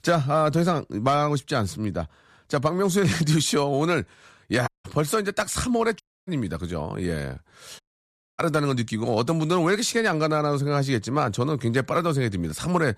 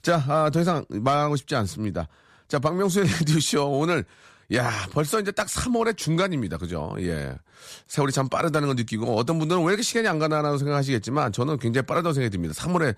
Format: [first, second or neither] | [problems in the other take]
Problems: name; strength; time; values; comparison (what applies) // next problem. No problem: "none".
second | audio cutting out; at 4.5 s, at 6 s and at 8 s for 0.5 s